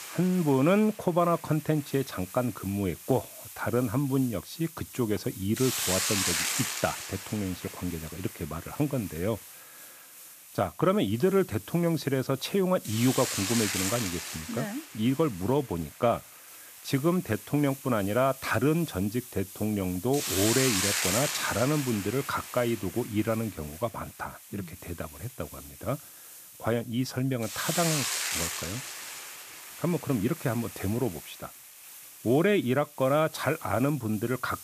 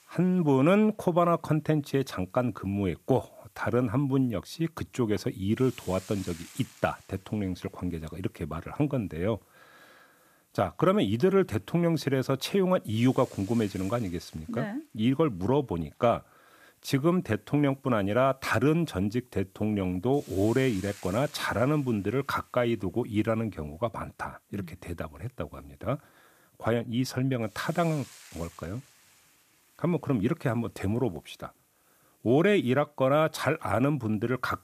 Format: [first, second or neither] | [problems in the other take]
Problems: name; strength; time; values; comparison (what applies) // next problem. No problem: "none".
second | hiss; loud; throughout; 5 dB below the speech; faint in the second